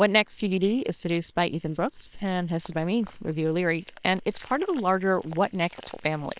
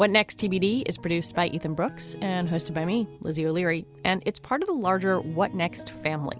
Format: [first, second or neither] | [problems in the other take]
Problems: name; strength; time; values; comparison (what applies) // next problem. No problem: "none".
second | noise reduction (neural separator model SepFormer WHAM!)